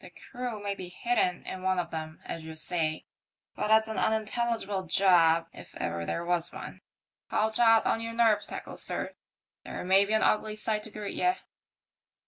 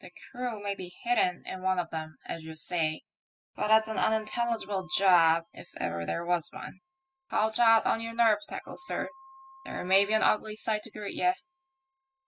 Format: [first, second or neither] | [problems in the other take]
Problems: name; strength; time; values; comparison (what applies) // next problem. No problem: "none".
first | noise reduction (classical method spectral subtraction)